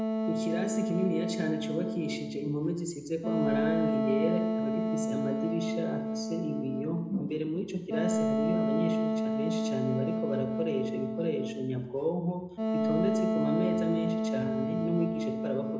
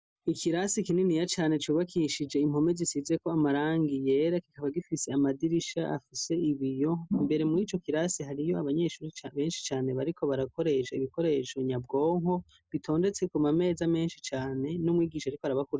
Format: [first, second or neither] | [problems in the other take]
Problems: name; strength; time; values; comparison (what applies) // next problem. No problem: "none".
second | background sound (Wind instrument, woodwind instrument); 2 dB above the speech // room echo; dies away in 0.8 s